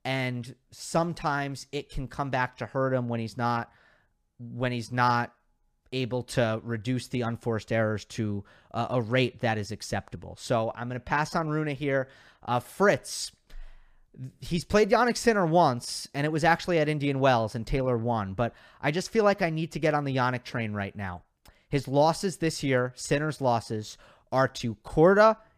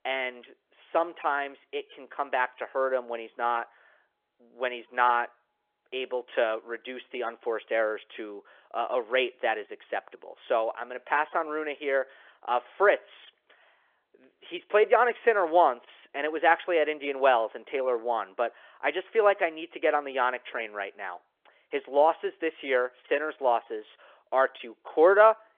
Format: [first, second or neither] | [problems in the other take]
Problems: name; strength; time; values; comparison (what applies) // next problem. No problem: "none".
first | phone-call audio; nothing above 3.5 kHz